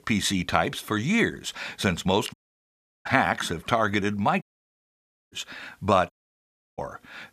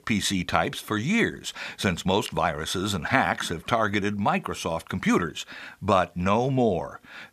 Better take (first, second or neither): second